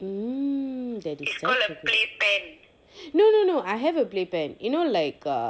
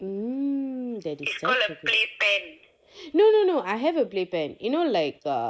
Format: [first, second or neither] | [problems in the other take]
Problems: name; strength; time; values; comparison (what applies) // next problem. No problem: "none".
first | noise reduction (neural mask model Resemble Enhance denoiser)